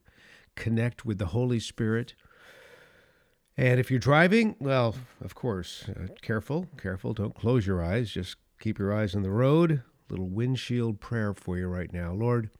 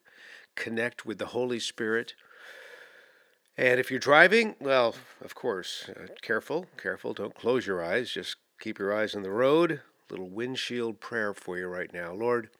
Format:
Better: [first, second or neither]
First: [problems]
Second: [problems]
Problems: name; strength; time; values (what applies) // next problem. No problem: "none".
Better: first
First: none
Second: thin; somewhat; fading below 400 Hz